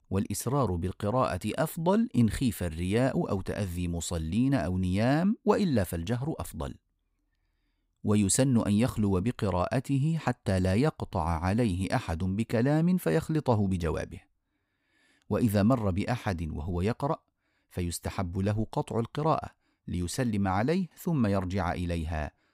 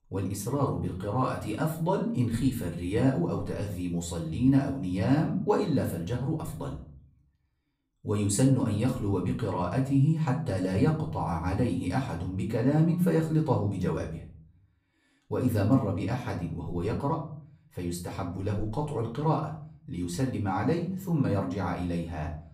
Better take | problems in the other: first | off-mic speech; far // room echo; slight; dies away in 0.5 s

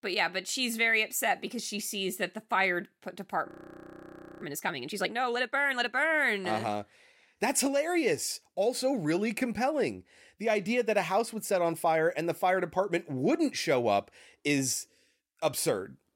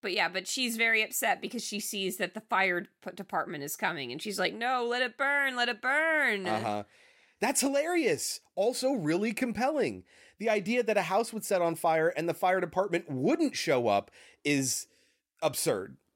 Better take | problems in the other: second | audio freezing; at 3.5 s for 1 s

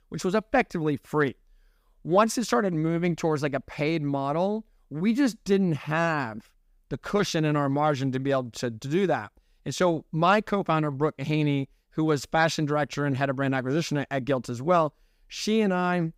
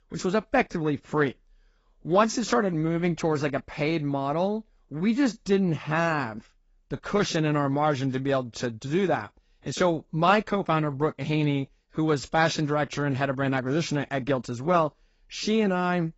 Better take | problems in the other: first | garbled, watery; badly; nothing above 7.5 kHz

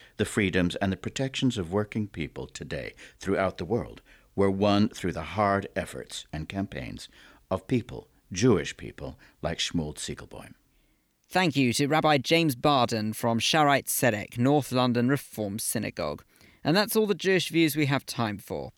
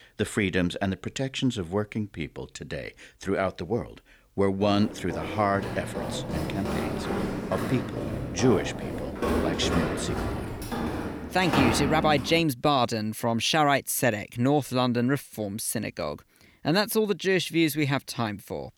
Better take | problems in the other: first | footsteps; loud; from 4.5 to 12 s; peak 2 dB above the speech

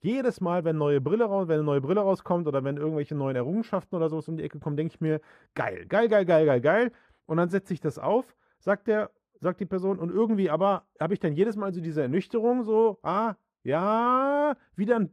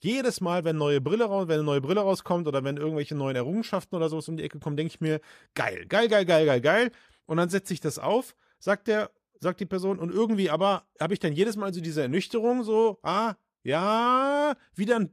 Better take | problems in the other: second | muffled; slightly; fading above 2.5 kHz

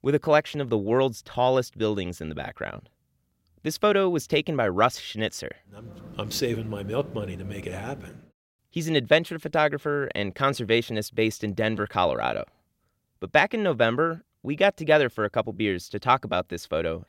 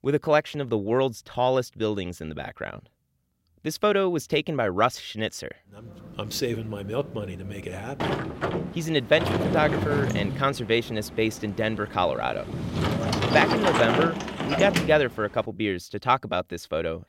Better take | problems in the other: first | door banging; loud; from 8 to 15 s; peak 3 dB above the speech

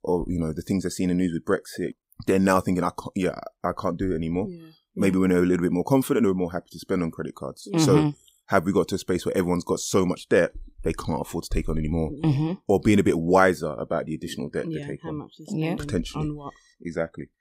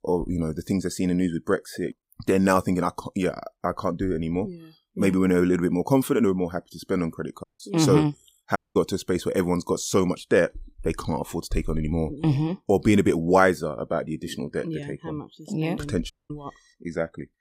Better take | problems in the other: first | audio cutting out; at 7.5 s, at 8.5 s and at 16 s

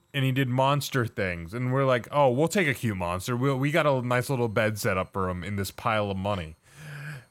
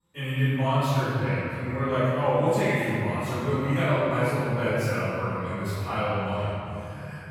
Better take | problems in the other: first | off-mic speech; far // room echo; strong; dies away in 2.7 s

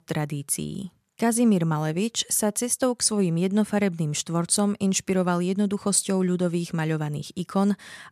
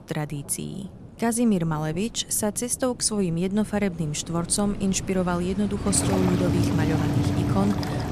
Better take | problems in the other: first | rain or running water; loud; throughout; 2 dB below the speech

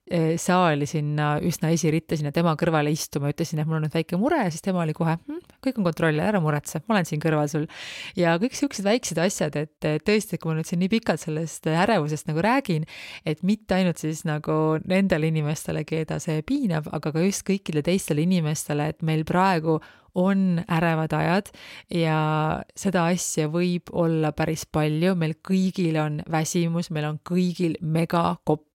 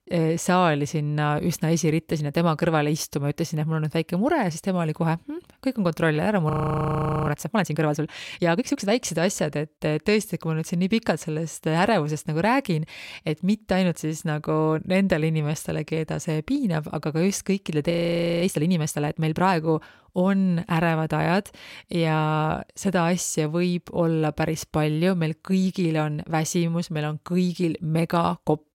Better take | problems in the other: first | audio freezing; at 6.5 s for 1 s and at 18 s for 0.5 s

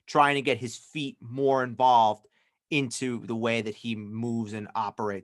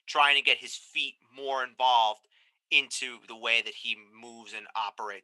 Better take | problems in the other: first | thin; very; fading below 800 Hz

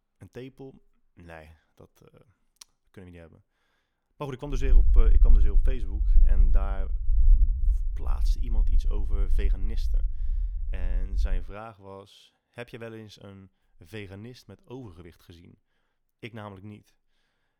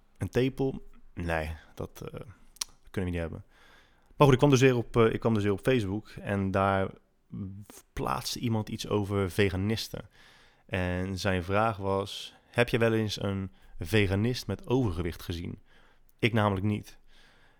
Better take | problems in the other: second | low rumble; loud; from 4.5 to 11 s; 8 dB below the speech

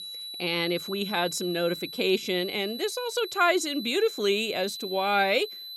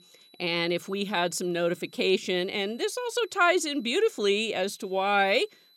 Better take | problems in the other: second | high-pitched whine; loud; throughout; 4 kHz, 9 dB below the speech; faint in the second

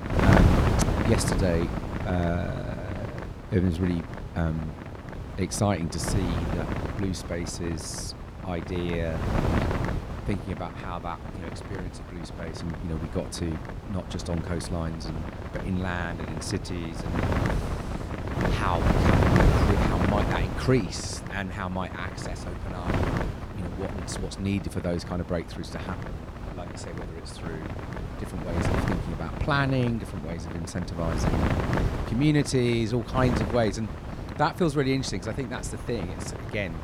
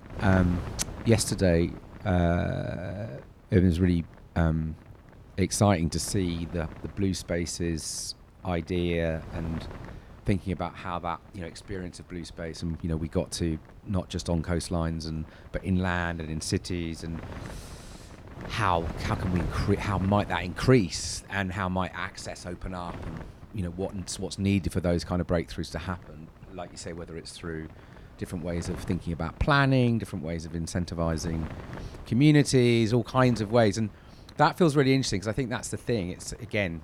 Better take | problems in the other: second | wind noise on the microphone; heavy; 1 dB below the speech; occasional gusts in the second

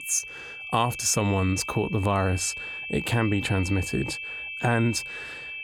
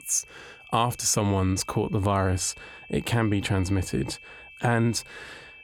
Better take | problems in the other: second | high-pitched whine; loud; throughout; 2.5 kHz, 8 dB below the speech; faint in the second

